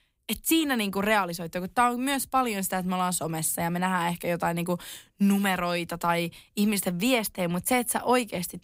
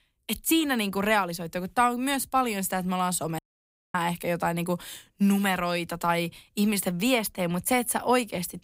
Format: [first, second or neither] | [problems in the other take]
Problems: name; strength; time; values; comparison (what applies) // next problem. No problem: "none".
first | audio cutting out; at 3.5 s for 0.5 s